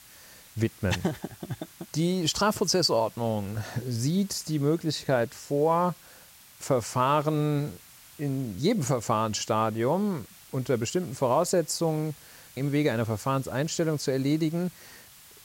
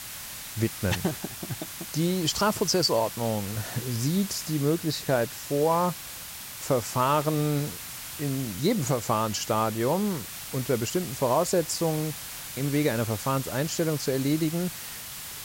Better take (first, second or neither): first